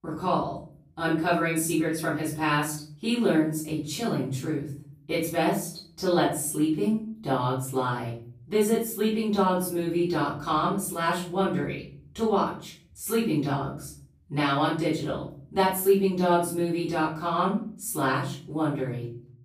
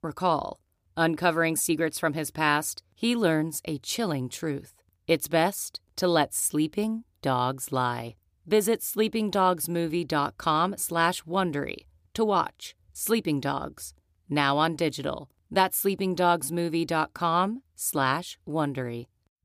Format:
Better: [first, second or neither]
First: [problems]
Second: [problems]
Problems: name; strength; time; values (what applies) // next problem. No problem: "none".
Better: second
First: off-mic speech; far // room echo; noticeable; dies away in 0.6 s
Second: none